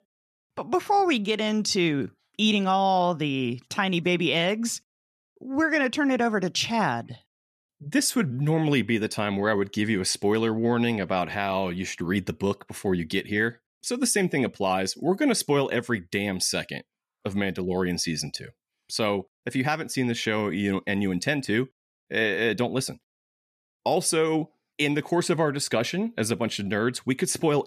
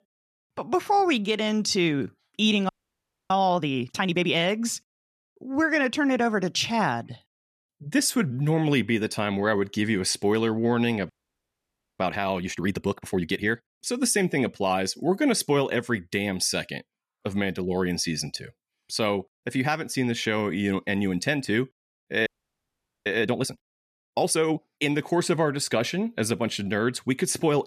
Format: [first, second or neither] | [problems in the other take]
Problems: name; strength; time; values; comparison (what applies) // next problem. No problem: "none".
first | audio freezing; at 2.5 s for 0.5 s, at 11 s for 1 s and at 22 s for 1 s